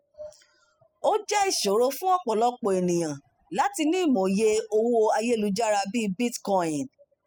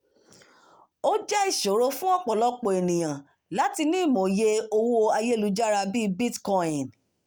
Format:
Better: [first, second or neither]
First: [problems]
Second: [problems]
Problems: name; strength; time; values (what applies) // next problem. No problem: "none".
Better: second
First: noise reduction (classical method spectral subtraction)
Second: none